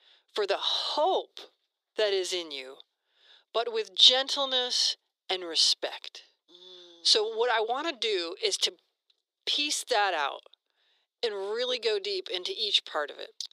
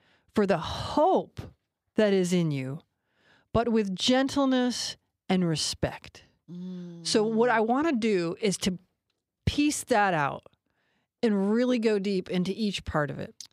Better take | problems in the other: second | thin; very; fading below 400 Hz

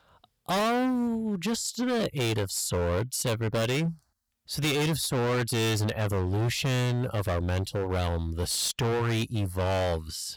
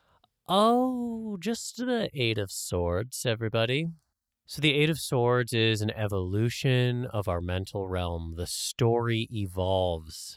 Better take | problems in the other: second | distortion; heavy; 25% of the sound clipped

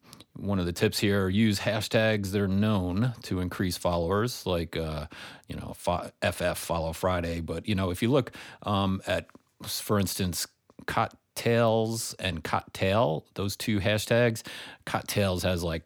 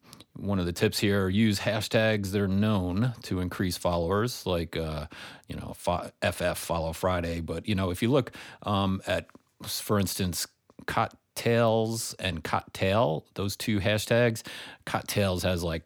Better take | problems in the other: neither | none

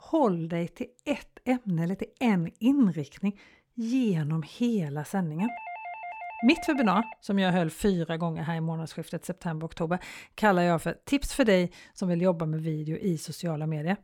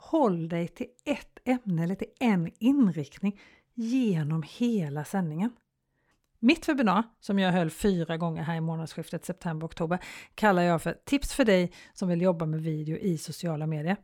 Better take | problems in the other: second | doorbell; noticeable; from 5.5 to 7 s; peak 10 dB below the speech

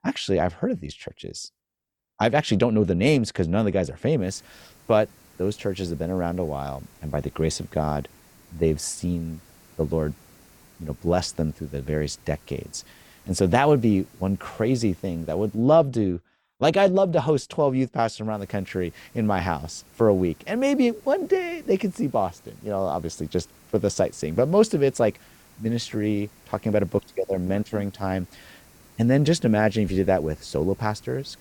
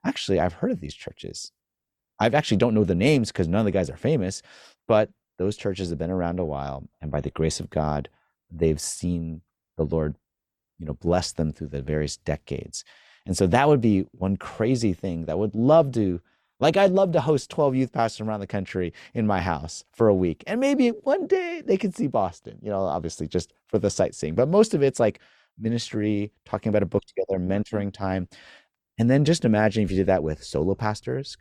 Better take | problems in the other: second | hiss; faint; from 4 to 16 s and from 18 s on; 25 dB below the speech

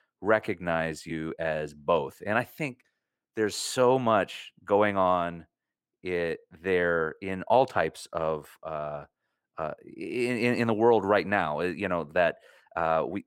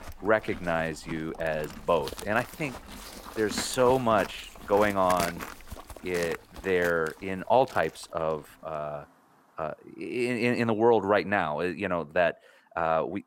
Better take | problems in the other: first | animal sounds; noticeable; throughout; 15 dB below the speech

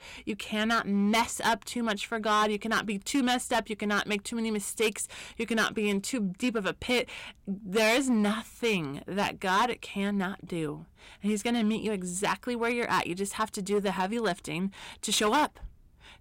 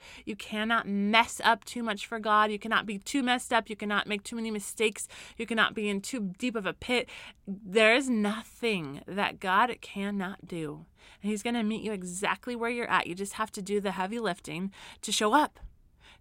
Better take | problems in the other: second | distortion; heavy; 6% of the sound clipped

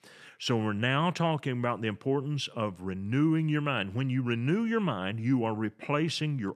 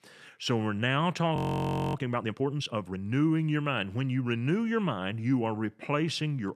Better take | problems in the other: first | audio freezing; at 1.5 s for 0.5 s

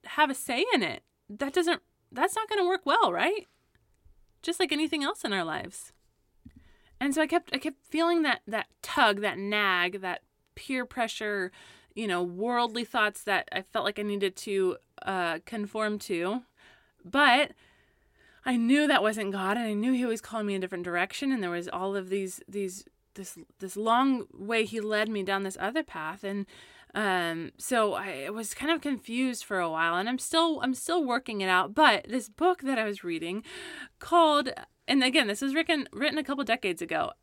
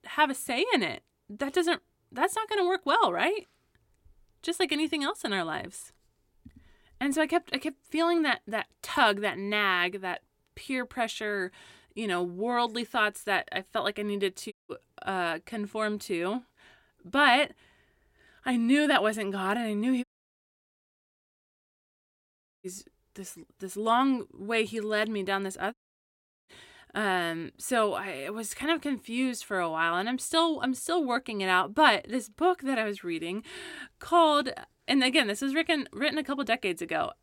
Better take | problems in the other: first | audio cutting out; at 15 s, at 20 s for 2.5 s and at 26 s for 0.5 s

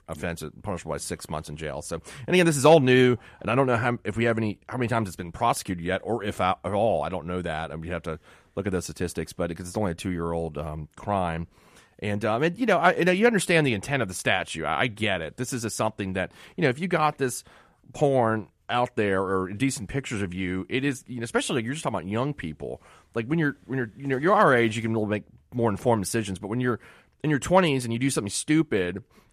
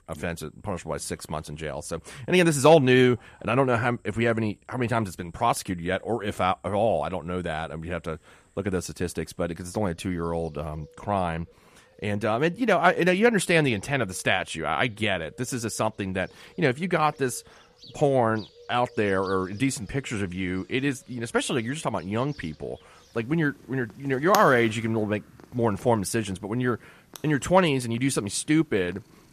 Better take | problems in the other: first | animal sounds; faint; throughout; 20 dB below the speech

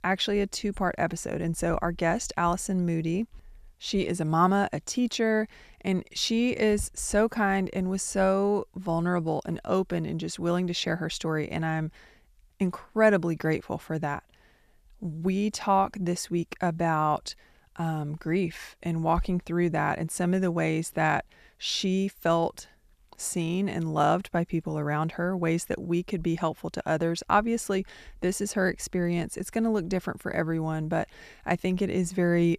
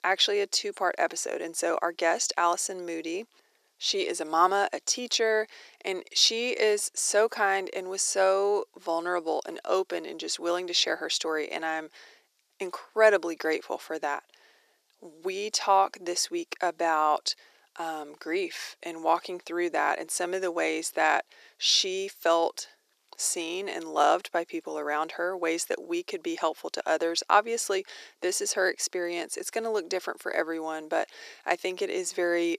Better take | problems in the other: first | thin; very; fading below 350 Hz

